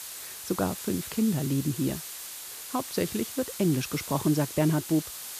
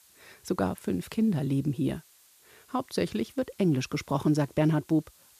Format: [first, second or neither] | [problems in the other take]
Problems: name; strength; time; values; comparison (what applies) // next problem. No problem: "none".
second | hiss; loud; throughout; 8 dB below the speech; faint in the second